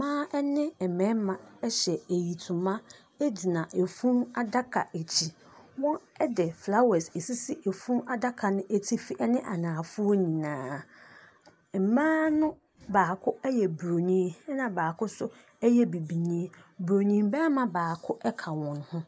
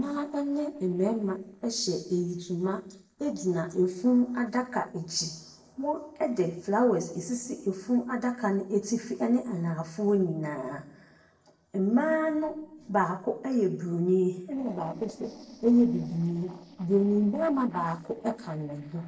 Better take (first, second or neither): first